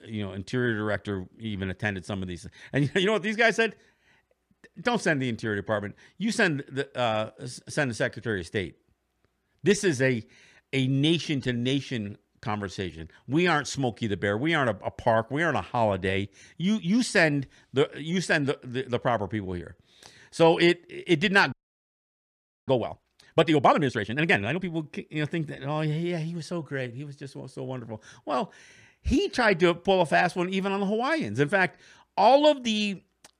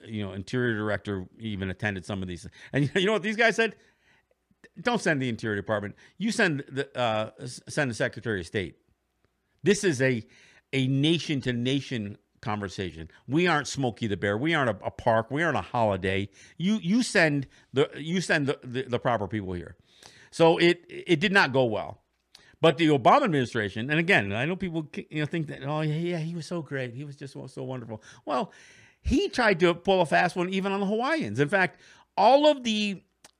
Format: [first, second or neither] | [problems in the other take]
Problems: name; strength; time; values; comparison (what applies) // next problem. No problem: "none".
second | audio freezing; at 22 s for 1 s